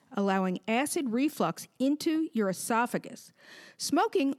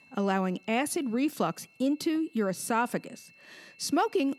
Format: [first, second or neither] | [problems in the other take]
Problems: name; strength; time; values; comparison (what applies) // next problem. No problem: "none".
first | high-pitched whine; faint; throughout; 2.5 kHz, 30 dB below the speech